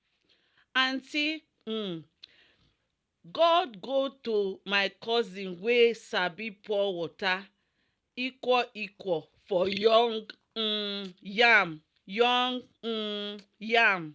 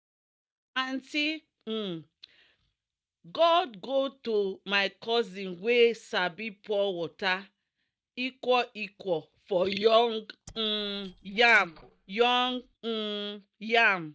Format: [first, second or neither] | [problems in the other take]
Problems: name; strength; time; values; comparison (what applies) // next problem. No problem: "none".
first | noise reduction (neural mask model DeepFilterNet 3)